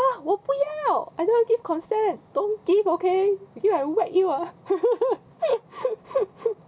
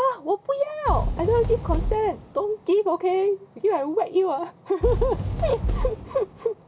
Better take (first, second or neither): first